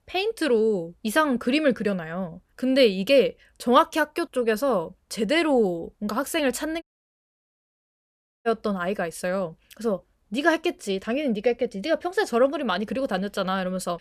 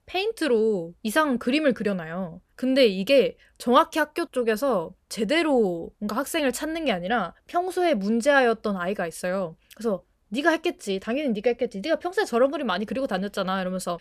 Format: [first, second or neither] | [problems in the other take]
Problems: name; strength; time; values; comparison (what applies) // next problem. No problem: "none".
second | audio cutting out; at 7 s for 1.5 s